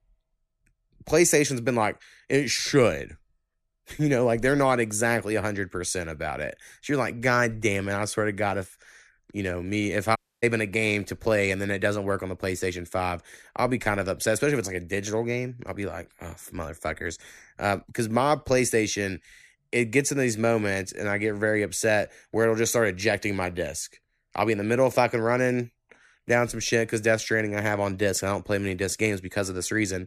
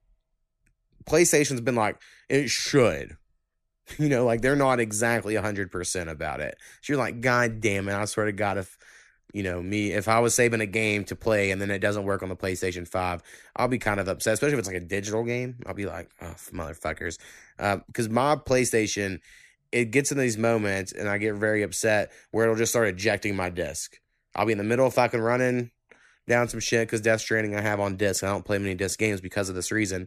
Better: second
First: audio cutting out; at 10 s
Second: none

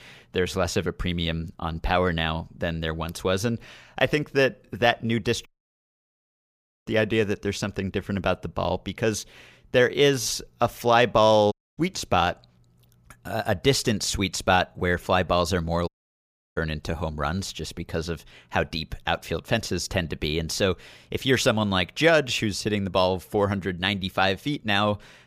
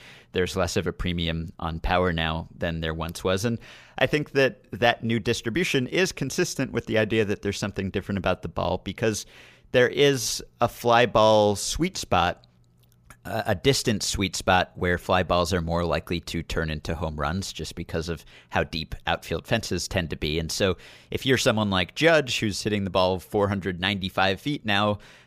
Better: second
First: audio cutting out; at 5.5 s for 1.5 s, at 12 s and at 16 s for 0.5 s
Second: none

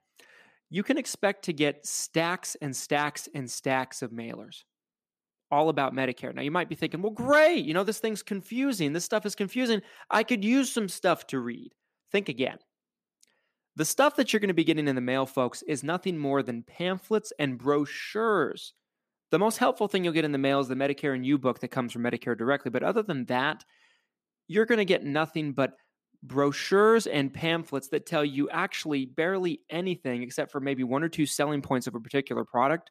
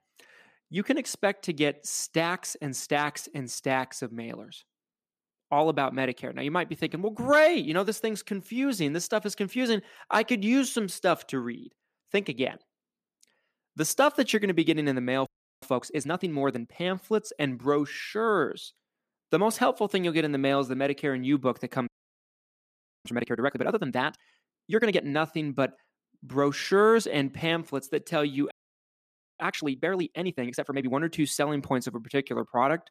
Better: first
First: none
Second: audio freezing; at 15 s, at 22 s for 1 s and at 29 s for 1 s

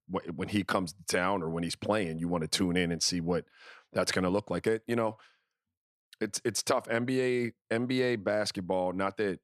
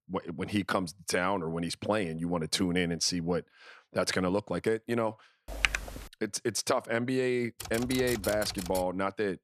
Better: first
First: none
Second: keyboard typing; loud; at 5.5 s; peak 1 dB above the speech // keyboard typing; noticeable; from 7.5 to 9 s; peak 6 dB below the speech

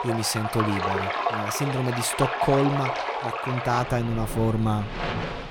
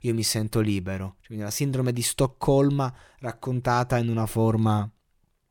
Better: second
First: rain or running water; loud; throughout; 2 dB below the speech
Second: none

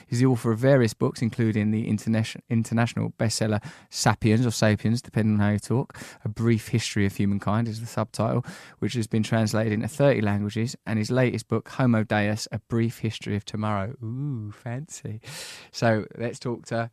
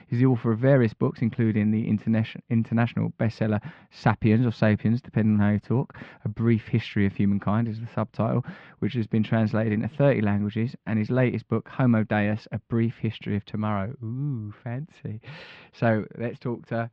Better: first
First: none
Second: muffled; very; fading above 3.5 kHz

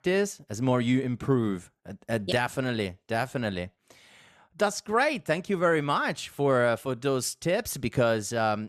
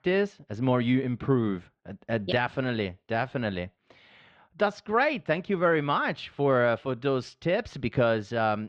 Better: first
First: none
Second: muffled; slightly; fading above 4 kHz

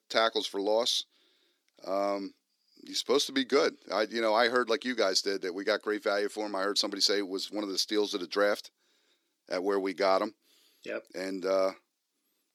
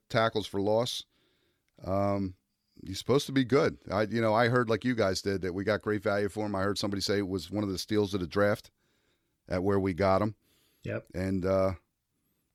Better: second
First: thin; very slightly; fading below 300 Hz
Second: none

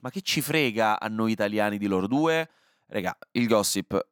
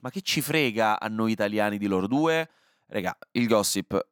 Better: neither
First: none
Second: none

